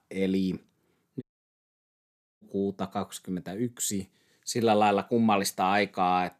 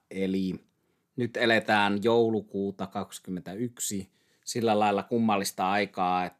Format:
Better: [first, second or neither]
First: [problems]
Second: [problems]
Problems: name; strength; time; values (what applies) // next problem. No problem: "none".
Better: second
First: audio cutting out; at 1 s for 1 s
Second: none